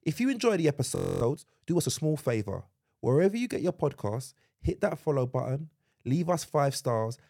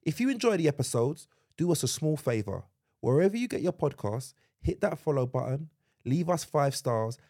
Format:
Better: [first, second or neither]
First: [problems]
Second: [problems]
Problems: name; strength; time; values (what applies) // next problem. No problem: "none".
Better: second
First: audio freezing; at 1 s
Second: none